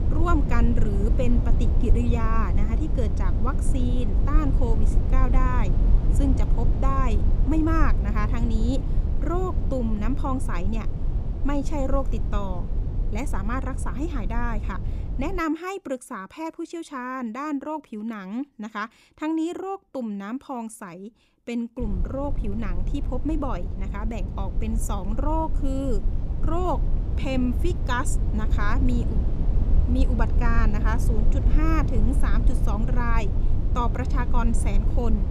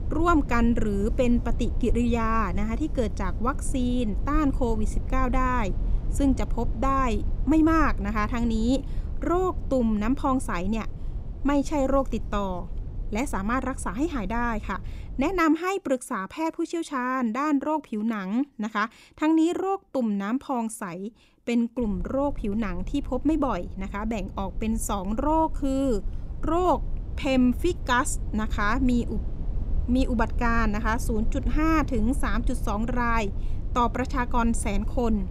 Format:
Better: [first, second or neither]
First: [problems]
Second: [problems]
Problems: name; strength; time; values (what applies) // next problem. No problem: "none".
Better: second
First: low rumble; loud; until 15 s and from 22 s on; 9 dB below the speech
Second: low rumble; faint; until 15 s and from 22 s on; 20 dB below the speech